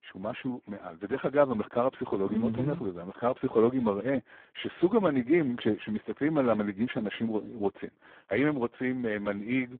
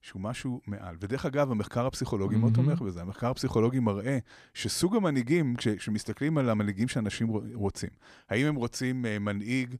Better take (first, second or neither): second